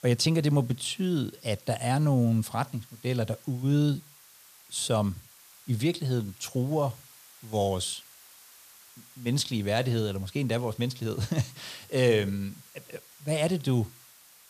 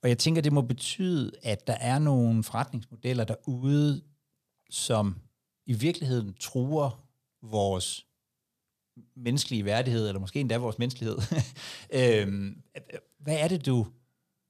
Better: second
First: hiss; faint; throughout; 25 dB below the speech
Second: none

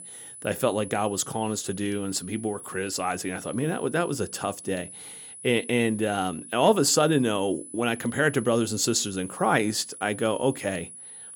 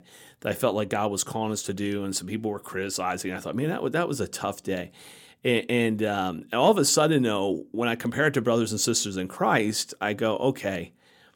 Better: second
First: high-pitched whine; noticeable; throughout; 10 kHz, 15 dB below the speech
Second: none

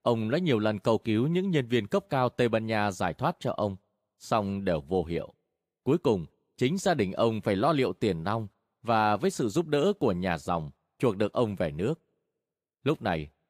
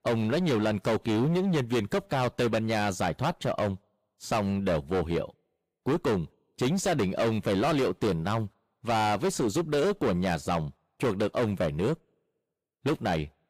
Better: first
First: none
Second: distortion; heavy; 17% of the sound clipped

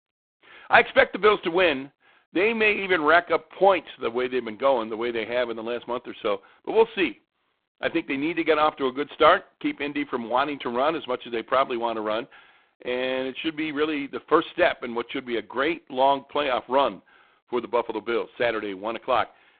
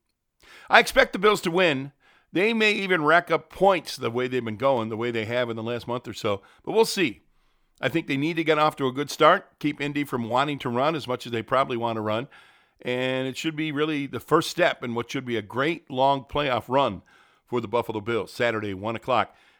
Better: second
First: phone-call audio; poor line; nothing above 3.5 kHz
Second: none

